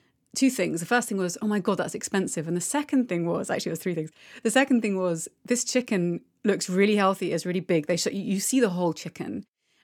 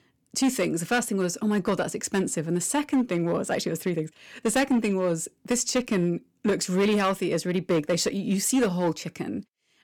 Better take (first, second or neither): first